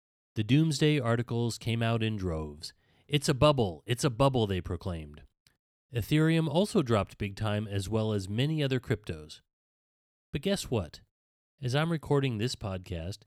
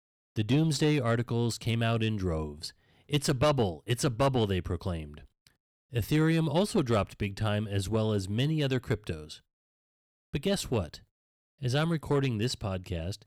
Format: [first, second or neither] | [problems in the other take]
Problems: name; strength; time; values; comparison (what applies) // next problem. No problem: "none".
first | distortion; slight; 10 dB below the speech